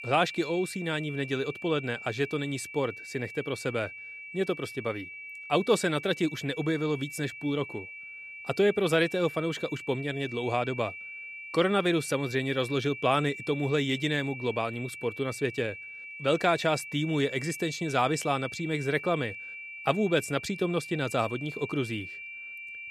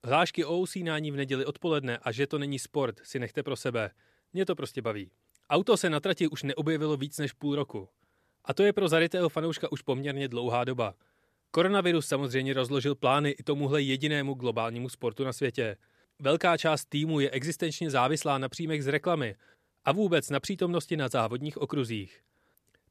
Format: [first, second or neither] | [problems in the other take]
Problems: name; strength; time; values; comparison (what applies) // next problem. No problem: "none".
second | high-pitched whine; noticeable; throughout; 2.5 kHz, 10 dB below the speech